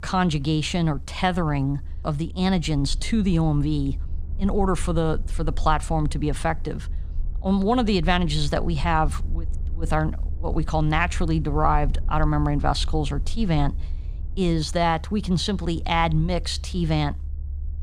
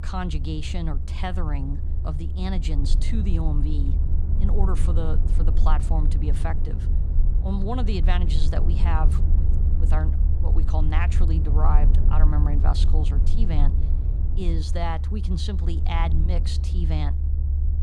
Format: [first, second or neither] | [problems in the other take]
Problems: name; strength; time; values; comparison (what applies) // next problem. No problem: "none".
first | low rumble; loud; throughout; 7 dB below the speech; faint in the first